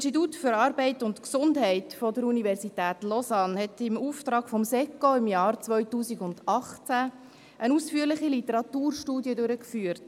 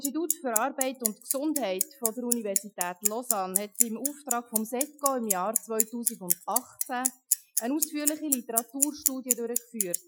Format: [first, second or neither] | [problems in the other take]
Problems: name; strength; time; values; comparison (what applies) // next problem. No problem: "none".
first | noise reduction (classical method Wiener filter)